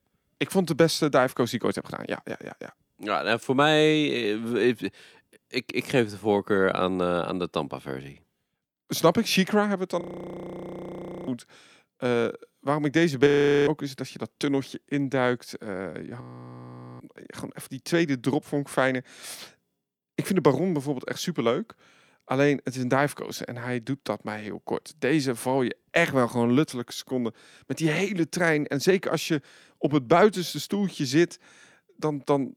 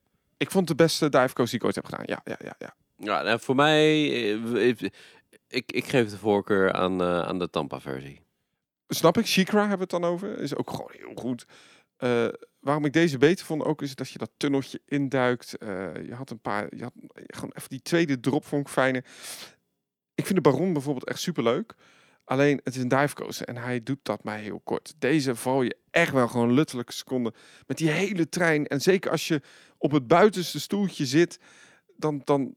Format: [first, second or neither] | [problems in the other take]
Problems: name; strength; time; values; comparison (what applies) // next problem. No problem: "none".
second | audio freezing; at 10 s for 1.5 s, at 13 s and at 16 s for 1 s